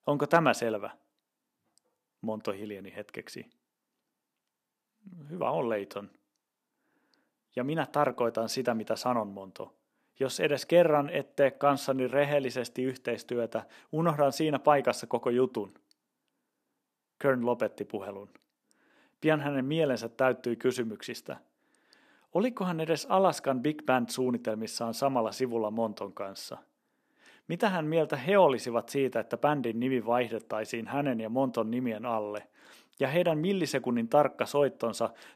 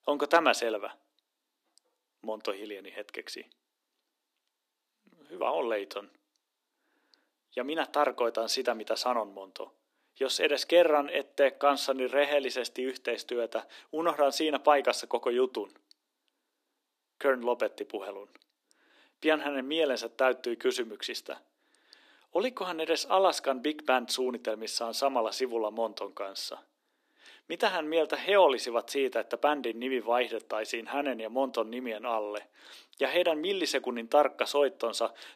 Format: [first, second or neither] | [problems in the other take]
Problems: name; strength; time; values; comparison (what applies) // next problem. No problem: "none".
first | thin; somewhat; fading below 300 Hz